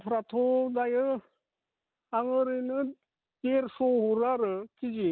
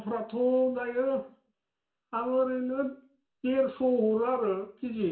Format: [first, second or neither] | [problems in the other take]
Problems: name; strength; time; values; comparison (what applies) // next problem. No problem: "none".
first | room echo; dies away in 0.4 s